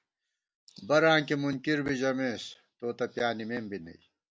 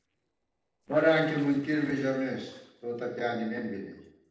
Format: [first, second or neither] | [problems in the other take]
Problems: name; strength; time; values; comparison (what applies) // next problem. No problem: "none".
first | noise reduction (neural separator model SepFormer DNS4)